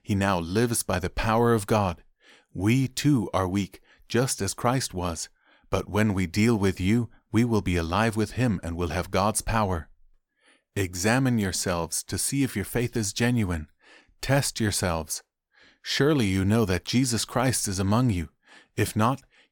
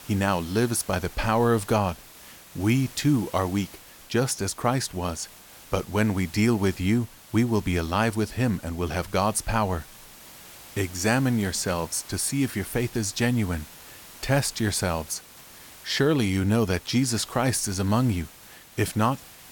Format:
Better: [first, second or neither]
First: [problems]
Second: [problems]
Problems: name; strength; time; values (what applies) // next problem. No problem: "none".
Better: first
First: none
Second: hiss; noticeable; throughout; 20 dB below the speech